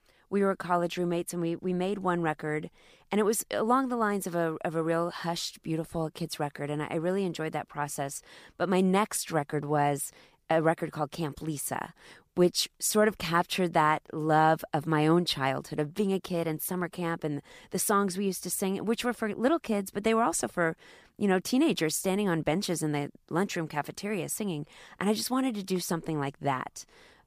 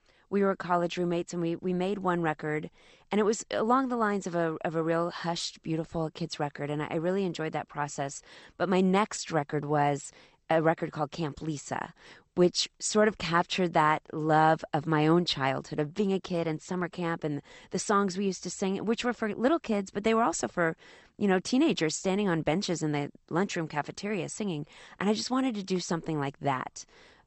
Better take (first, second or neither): first